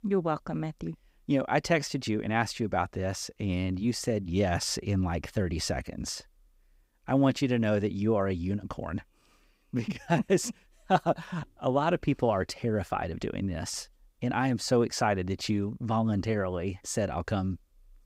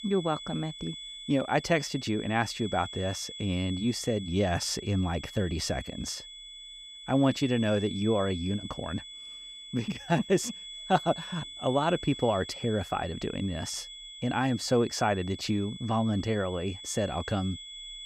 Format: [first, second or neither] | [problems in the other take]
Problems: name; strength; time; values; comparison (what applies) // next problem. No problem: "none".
first | high-pitched whine; noticeable; throughout; 3.5 kHz, 10 dB below the speech